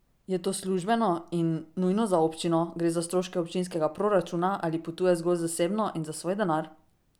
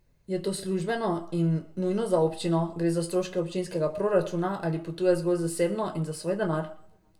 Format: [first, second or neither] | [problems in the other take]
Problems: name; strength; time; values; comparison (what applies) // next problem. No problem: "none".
first | room echo; dies away in 0.5 s